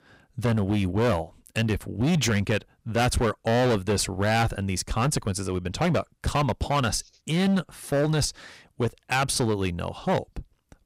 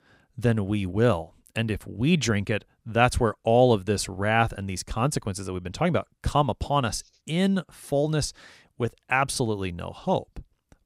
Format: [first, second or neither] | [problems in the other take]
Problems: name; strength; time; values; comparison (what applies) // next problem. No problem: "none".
second | distortion; heavy; 12% of the sound clipped